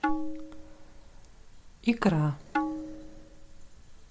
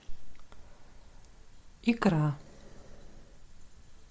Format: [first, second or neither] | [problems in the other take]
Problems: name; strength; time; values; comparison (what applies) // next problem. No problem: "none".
second | background sound (Tabla); 3 dB below the speech